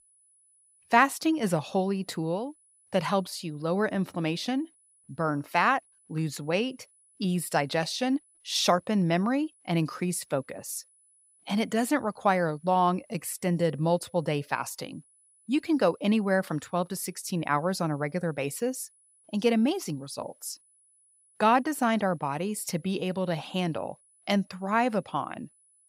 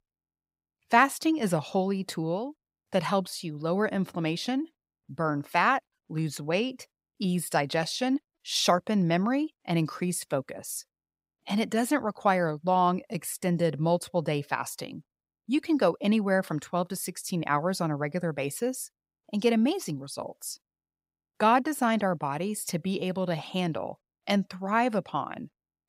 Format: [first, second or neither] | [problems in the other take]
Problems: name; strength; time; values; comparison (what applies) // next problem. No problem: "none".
second | high-pitched whine; faint; throughout; 10 kHz, 30 dB below the speech